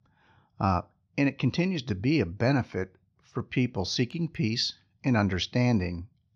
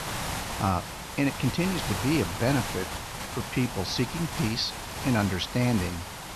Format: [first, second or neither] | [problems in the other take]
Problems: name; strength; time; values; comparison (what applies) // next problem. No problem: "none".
first | hiss; loud; throughout; 5 dB below the speech